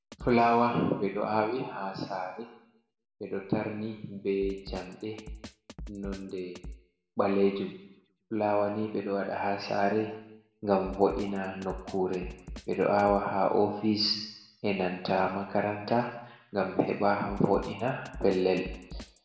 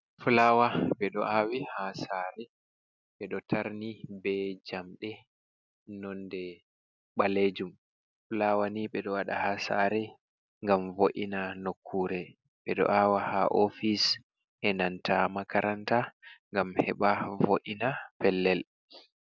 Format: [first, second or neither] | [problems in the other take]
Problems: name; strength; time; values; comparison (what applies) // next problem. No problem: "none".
second | background sound (Drum kit); 19 dB below the speech // room echo; dies away in 0.9 s